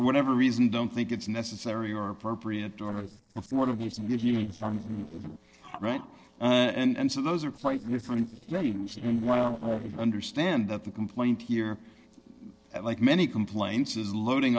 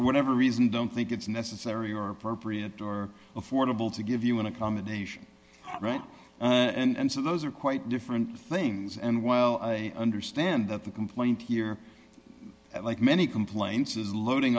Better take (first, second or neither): second